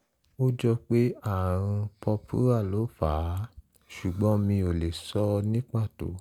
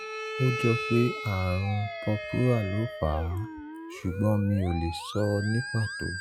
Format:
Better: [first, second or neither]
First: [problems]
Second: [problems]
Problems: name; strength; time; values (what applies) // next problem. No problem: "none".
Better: first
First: none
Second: noise reduction (classical method log-MMSE)